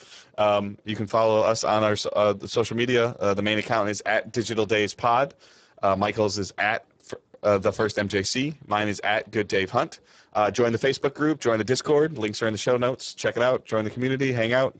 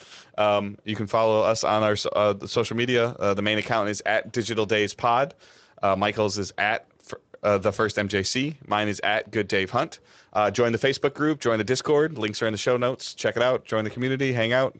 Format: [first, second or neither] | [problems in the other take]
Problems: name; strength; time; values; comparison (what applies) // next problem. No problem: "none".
second | garbled, watery; badly; nothing above 7.5 kHz; slightly in the second